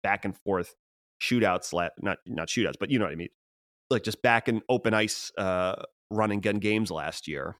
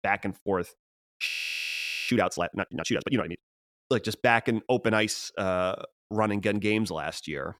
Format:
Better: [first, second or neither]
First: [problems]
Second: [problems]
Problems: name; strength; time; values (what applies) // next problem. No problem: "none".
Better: first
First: none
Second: audio freezing; at 1.5 s for 1 s